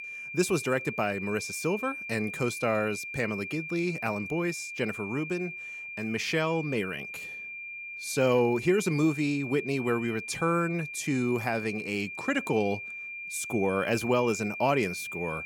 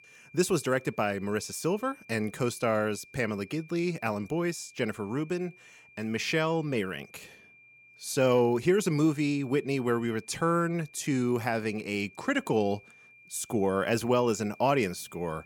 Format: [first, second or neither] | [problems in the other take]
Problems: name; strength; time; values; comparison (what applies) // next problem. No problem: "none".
second | high-pitched whine; loud; throughout; 2.5 kHz, 7 dB below the speech; faint in the second